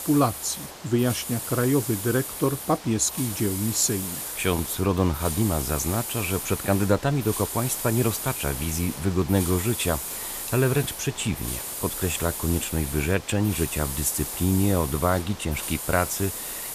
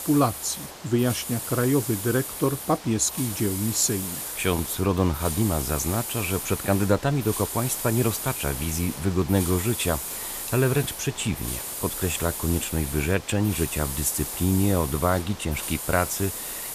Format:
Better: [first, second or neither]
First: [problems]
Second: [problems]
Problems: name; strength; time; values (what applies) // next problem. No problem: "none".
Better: neither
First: hiss; loud; throughout; 6 dB below the speech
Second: hiss; loud; throughout; 6 dB below the speech